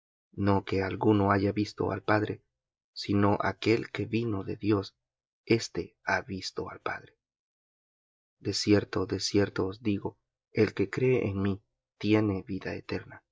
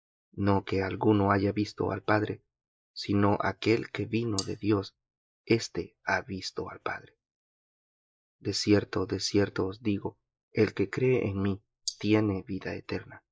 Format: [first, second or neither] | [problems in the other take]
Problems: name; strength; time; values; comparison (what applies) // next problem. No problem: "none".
first | noise reduction (neural mask model Resemble Enhance denoiser)